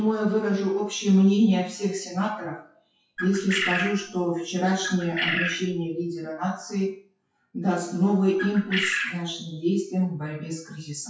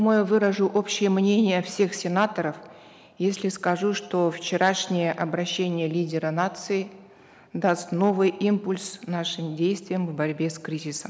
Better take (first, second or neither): second